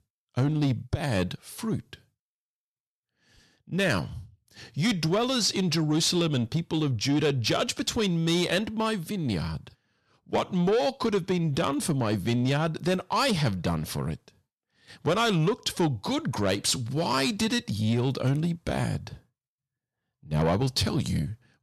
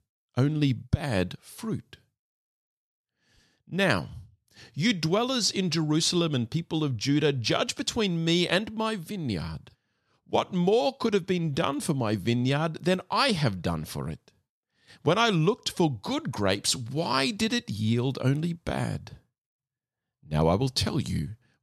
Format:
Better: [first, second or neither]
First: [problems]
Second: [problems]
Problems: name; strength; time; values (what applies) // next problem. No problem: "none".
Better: second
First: distortion; slight; 10 dB below the speech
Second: none